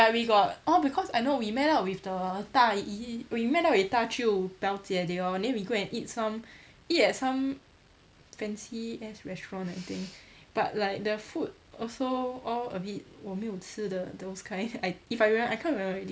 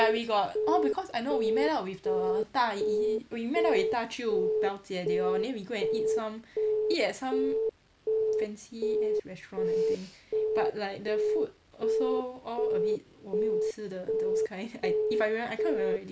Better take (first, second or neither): first